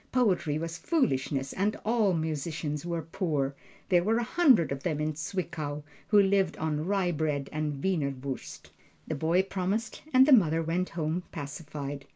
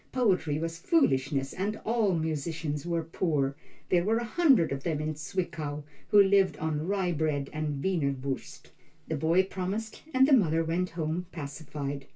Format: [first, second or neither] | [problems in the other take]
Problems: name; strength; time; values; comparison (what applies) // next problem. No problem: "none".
first | room echo; dies away in 0.1 s